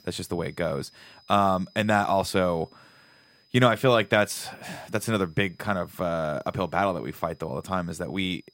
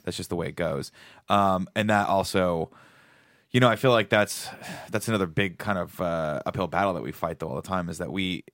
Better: second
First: high-pitched whine; faint; throughout; 5 kHz, 30 dB below the speech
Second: none

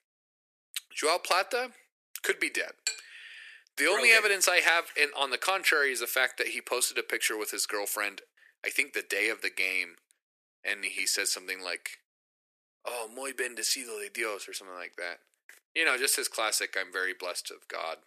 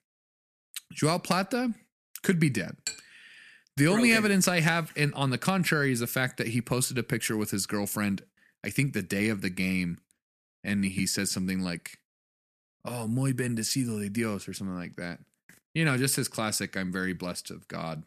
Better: second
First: thin; very; fading below 400 Hz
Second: none

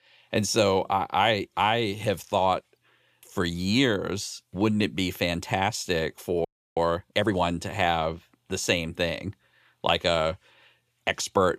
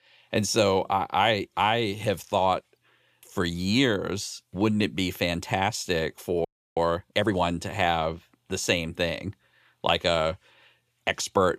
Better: neither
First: audio freezing; at 6.5 s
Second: audio freezing; at 6.5 s

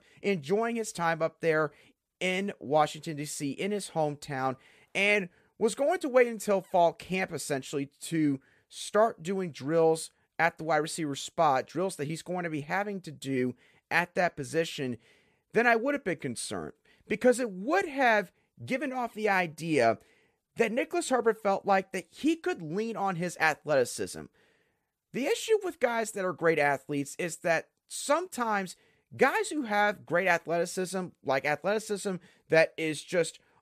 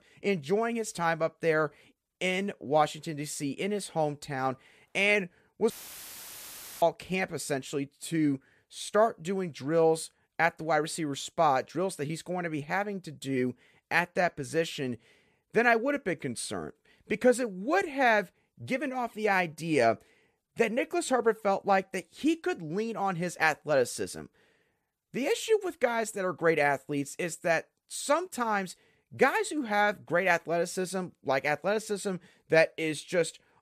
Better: first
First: none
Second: audio cutting out; filled with static; at 5.5 s for 1 s

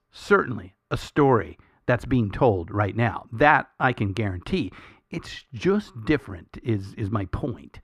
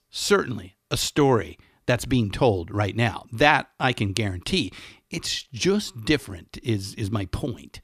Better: second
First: muffled; very; fading above 3 kHz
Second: none

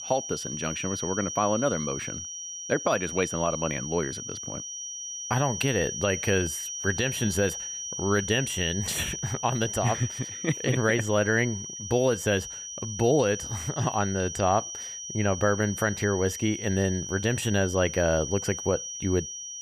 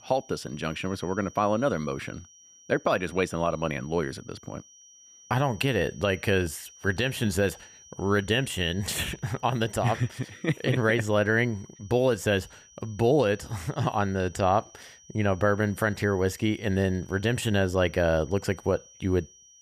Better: second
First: high-pitched whine; loud; throughout; 6 kHz, 6 dB below the speech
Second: high-pitched whine; faint; throughout; 6 kHz, 25 dB below the speech

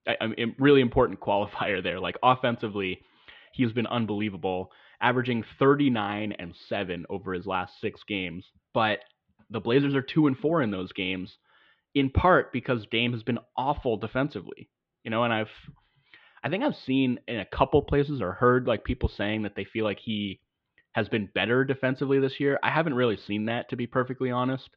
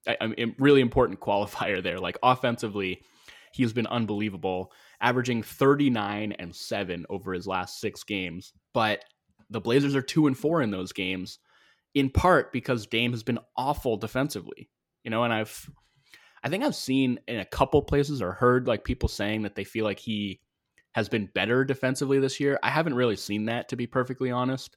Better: second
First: muffled; slightly; fading above 3.5 kHz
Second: none

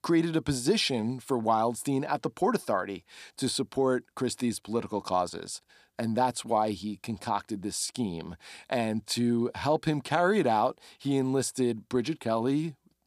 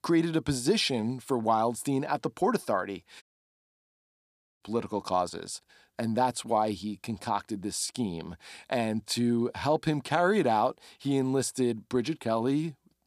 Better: first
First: none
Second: audio cutting out; at 3 s for 1.5 s

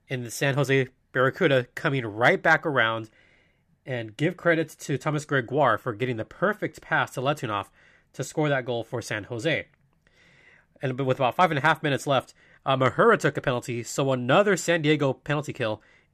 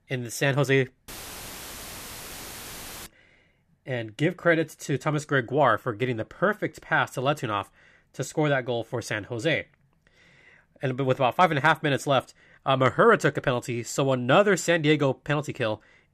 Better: first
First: none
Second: audio cutting out; filled with static; at 1 s for 2 s

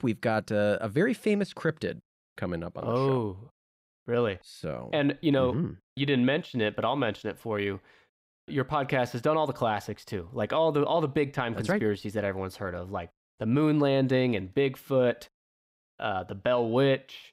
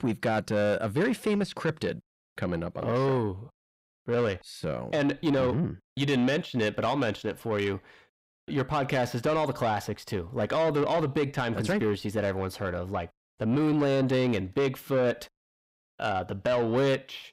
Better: first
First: none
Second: distortion; slight; 10 dB below the speech

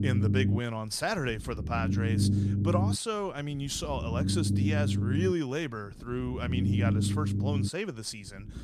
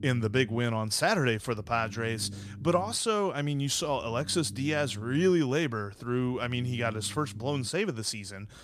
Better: second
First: low rumble; loud; throughout; 5 dB below the speech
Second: low rumble; faint; throughout; 25 dB below the speech

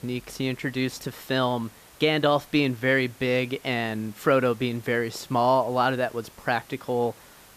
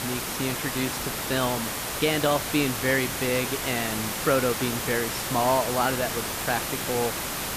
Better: first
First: hiss; faint; throughout; 25 dB below the speech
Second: hiss; loud; throughout; 2 dB below the speech

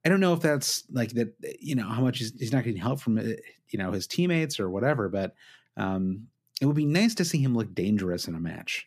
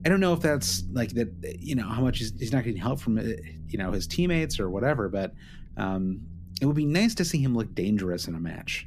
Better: first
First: none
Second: low rumble; faint; throughout; 25 dB below the speech

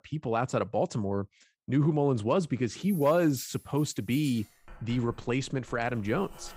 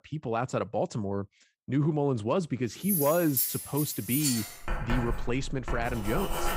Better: first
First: household noises; faint; from 3 s on; 20 dB below the speech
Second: household noises; loud; from 3 s on; 2 dB below the speech

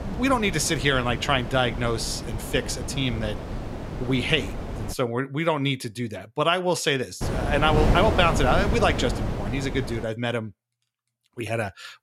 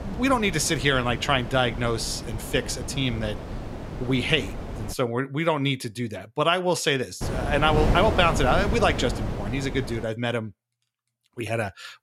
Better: second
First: wind noise on the microphone; heavy; until 5 s and from 7 to 10 s; 9 dB below the speech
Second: wind noise on the microphone; occasional gusts; until 5 s and from 7 to 10 s; 10 dB below the speech

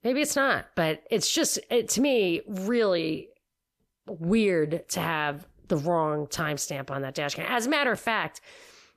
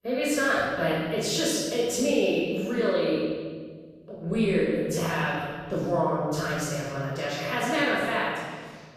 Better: first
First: none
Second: off-mic speech; far // room echo; strong; dies away in 1.6 s

